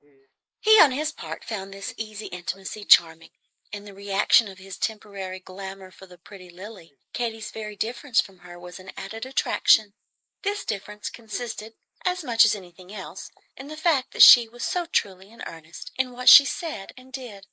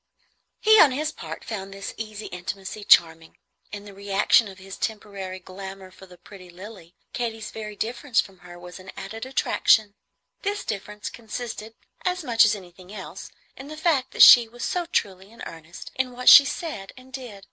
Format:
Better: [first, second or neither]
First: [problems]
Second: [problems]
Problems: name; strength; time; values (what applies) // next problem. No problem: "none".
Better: second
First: noise reduction (neural mask model Resemble Enhance denoiser)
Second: none